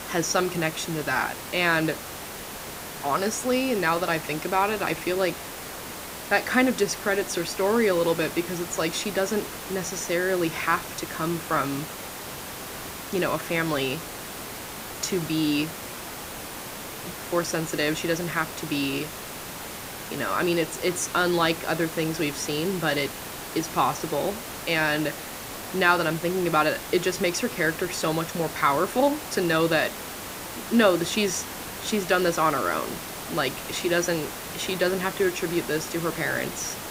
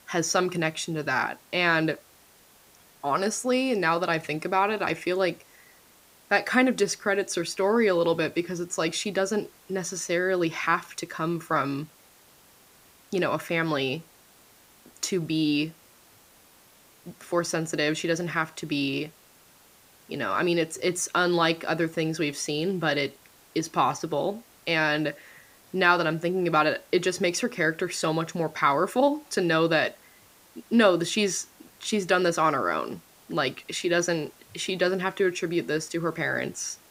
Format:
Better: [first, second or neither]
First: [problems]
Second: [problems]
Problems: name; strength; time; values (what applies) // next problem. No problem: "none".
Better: second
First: hiss; loud; throughout; 9 dB below the speech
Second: hiss; faint; throughout; 30 dB below the speech